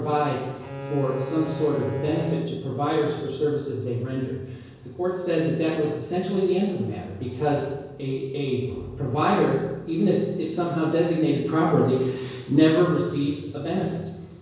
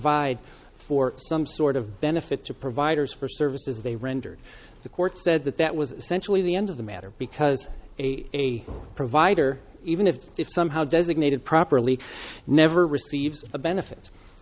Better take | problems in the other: second | background sound (Bowed string instrument); 10 dB below the speech // room echo; dies away in 1 s

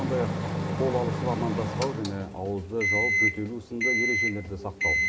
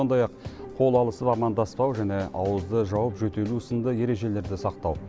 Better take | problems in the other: second | background sound (Microwave oven); 3 dB above the speech // room echo; dies away in 0.3 s

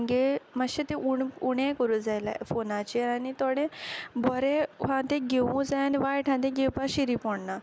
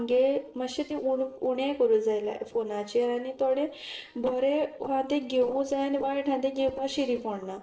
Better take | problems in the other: first | noise reduction (neural separator model SepFormer DNS4)

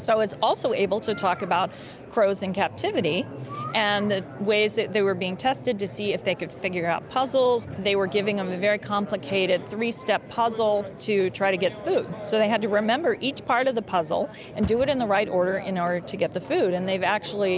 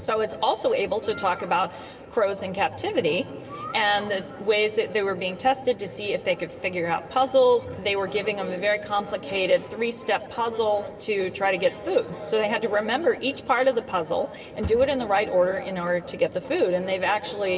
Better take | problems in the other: first | room echo; dies away in 1.6 s

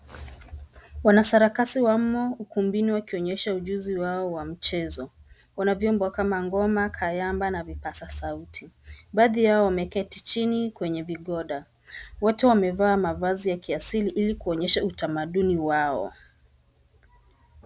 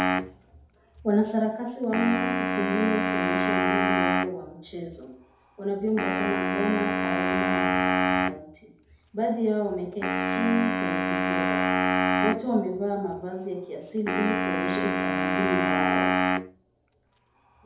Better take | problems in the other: first | background sound (Wind instrument, woodwind instrument); 3 dB above the speech // room echo; dies away in 2.1 s

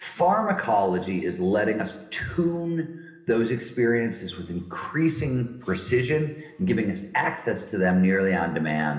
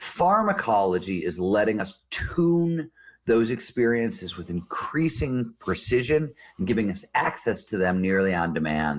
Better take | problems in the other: second | room echo; dies away in 1.1 s

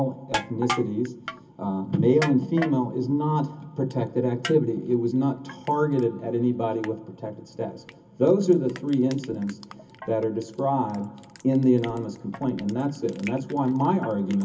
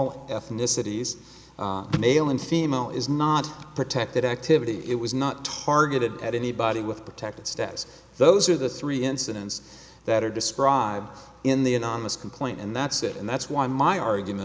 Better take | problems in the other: second | background sound (Crushing); 15 dB below the speech // room echo; dies away in 0.3 s

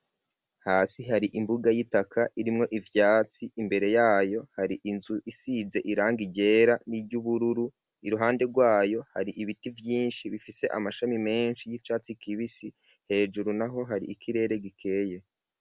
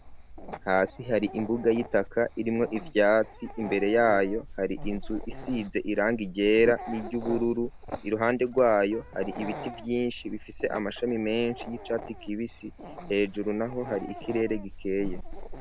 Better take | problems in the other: first | background sound (Dog); 12 dB below the speech

